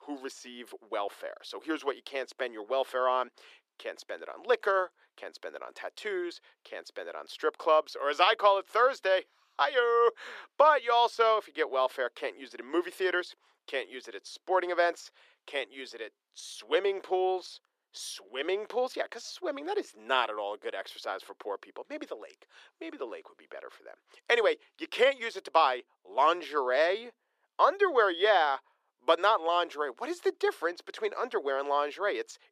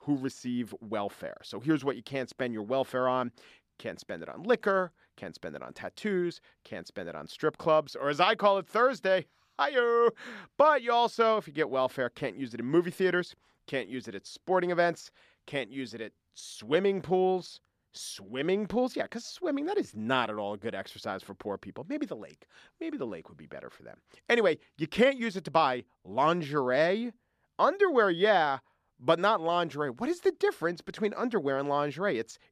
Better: second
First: thin; very; fading below 350 Hz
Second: none

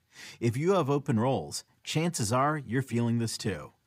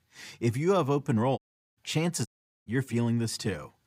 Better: first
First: none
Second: audio cutting out; at 1.5 s and at 2.5 s

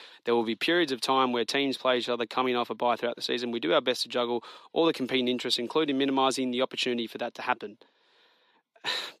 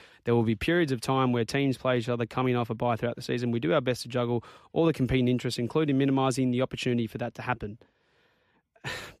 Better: second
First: thin; very slightly; fading below 250 Hz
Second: none

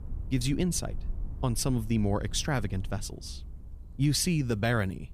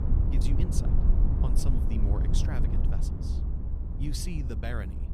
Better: first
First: low rumble; faint; throughout; 25 dB below the speech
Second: low rumble; loud; throughout; 1 dB below the speech

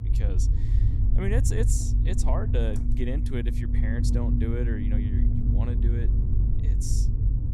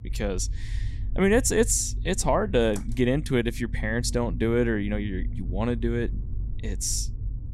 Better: second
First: low rumble; loud; throughout; 3 dB below the speech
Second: low rumble; faint; throughout; 20 dB below the speech

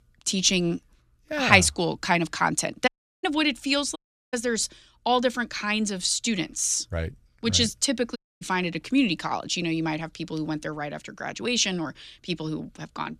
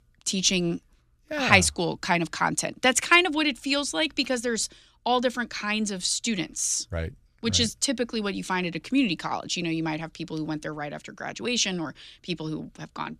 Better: second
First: audio cutting out; at 3 s, at 4 s and at 8 s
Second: none

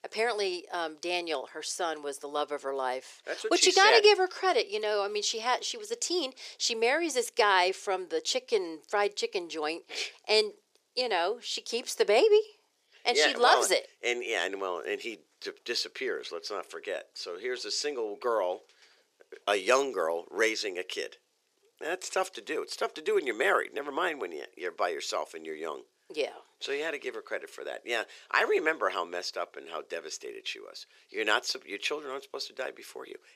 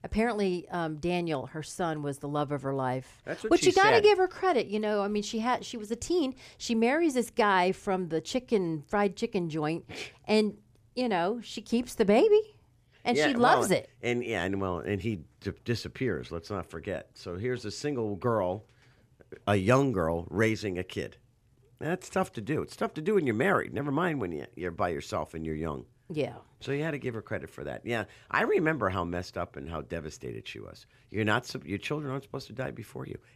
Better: second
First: thin; very; fading below 400 Hz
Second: none

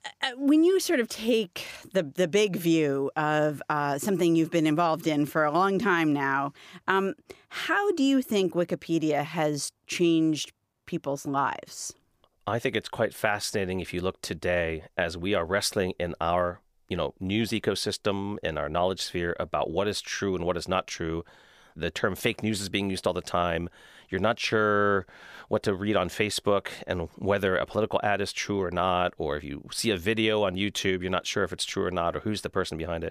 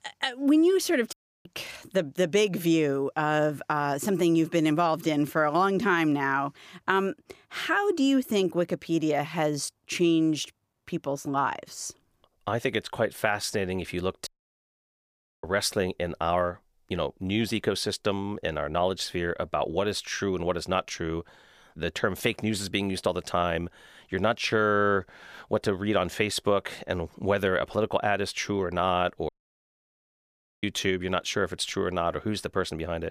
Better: first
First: none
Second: audio cutting out; at 1 s, at 14 s for 1 s and at 29 s for 1.5 s

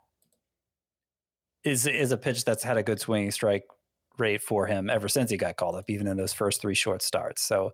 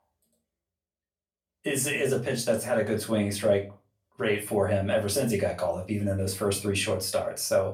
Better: first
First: none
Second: off-mic speech; far // room echo; very slight; dies away in 0.3 s

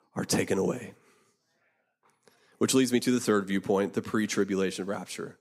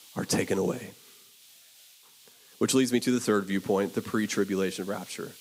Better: first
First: none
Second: hiss; faint; throughout; 20 dB below the speech

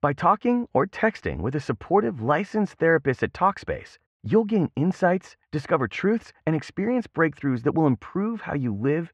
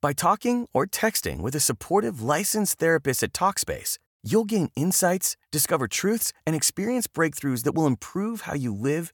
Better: second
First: muffled; very; fading above 2.5 kHz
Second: none

